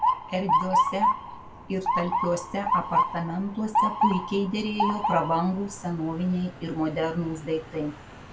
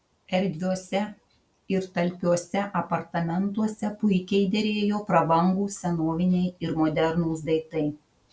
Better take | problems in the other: second | background sound (Motor vehicle (road) / Siren); 1 dB above the speech

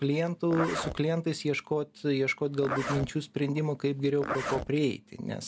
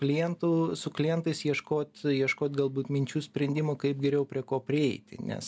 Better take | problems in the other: second | background sound (Zipper (clothing)); 9 dB below the speech

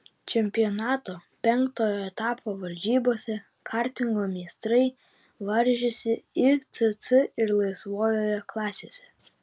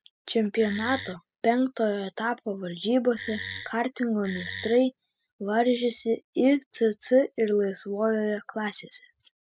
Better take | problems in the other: first | noise reduction (classical method spectral subtraction)

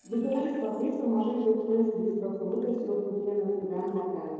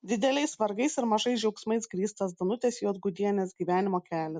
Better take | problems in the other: second | noise reduction (neural separator model SepFormer DNS4)

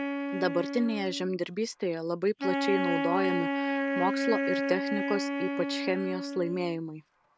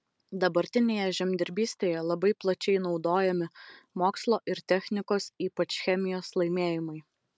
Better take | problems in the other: second | background sound (Wind instrument, woodwind instrument); 1 dB below the speech

